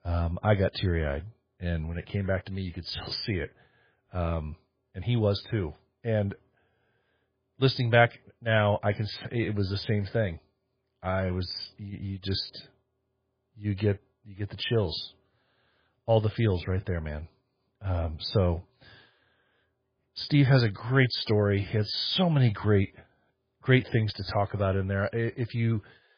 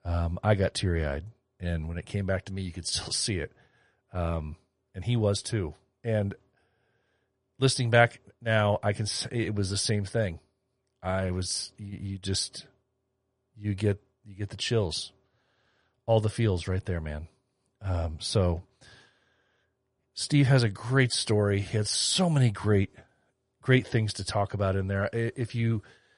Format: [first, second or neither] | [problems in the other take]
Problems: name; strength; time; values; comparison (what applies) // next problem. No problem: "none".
second | garbled, watery; badly; slightly in the second